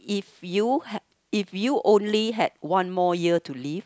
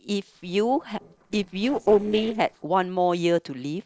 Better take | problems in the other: first | noise reduction (neural separator model SepFormer DNS4)

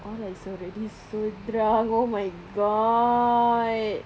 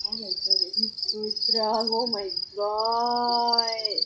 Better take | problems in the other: first | noise reduction (classical method log-MMSE)

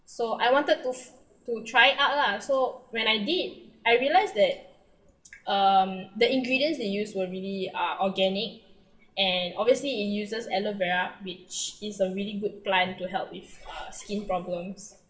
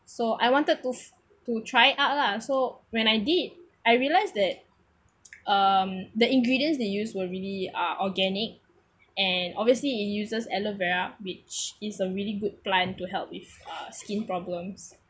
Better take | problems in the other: second | noise reduction (neural separator model SepFormer DNS4)

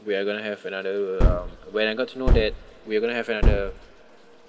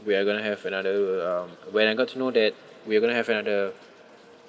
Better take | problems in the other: second | background sound (Gunshot, gunfire); 4 dB above the speech

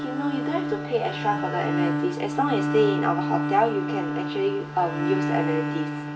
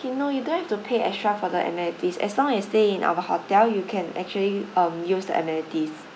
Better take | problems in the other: second | background sound (Bowed string instrument); 1 dB below the speech // room echo; dies away in 0.2 s

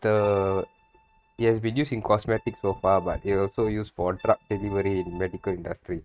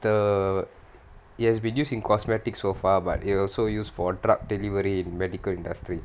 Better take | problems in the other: second | noise reduction (neural mask model RNNoise)

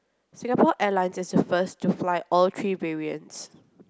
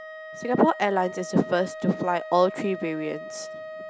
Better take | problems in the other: first | background sound (Wind instrument, woodwind instrument); 12 dB below the speech

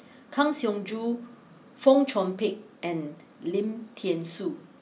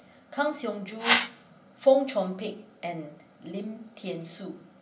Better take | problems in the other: first | background sound (Whoosh, swoosh, swish); 3 dB above the speech // room echo; dies away in 0.7 s

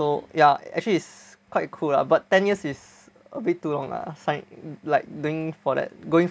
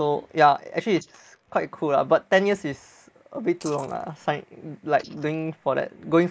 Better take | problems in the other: first | noise reduction (neural mask model Resemble Enhance denoiser)

